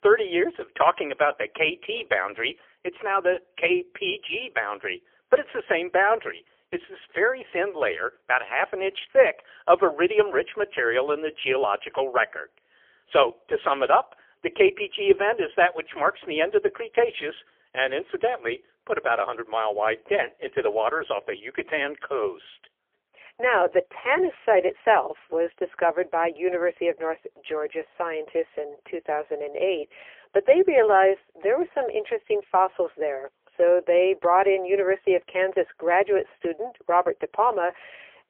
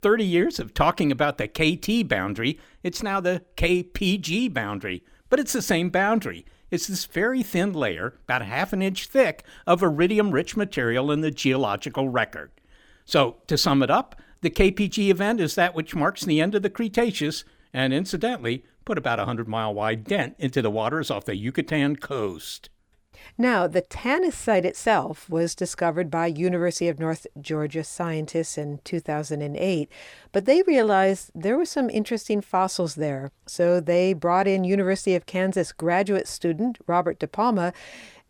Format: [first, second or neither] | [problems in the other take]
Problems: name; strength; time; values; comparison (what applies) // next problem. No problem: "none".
second | phone-call audio; poor line; nothing above 3.5 kHz